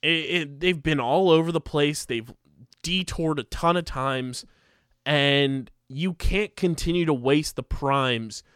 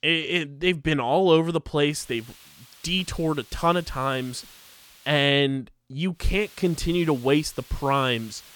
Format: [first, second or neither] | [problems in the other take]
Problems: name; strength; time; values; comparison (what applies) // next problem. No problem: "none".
first | hiss; faint; from 2 to 5 s and from 6 s on; 25 dB below the speech